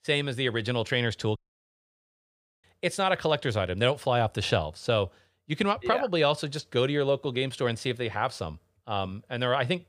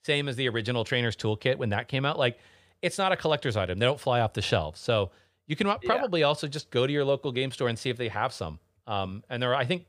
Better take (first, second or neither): second